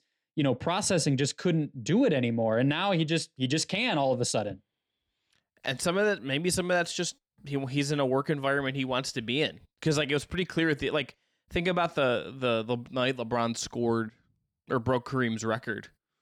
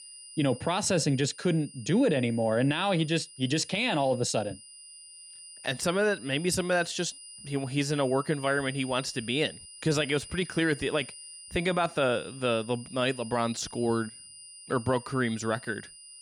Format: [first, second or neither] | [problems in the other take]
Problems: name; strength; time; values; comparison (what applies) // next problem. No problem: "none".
first | high-pitched whine; noticeable; throughout; 9.5 kHz, 15 dB below the speech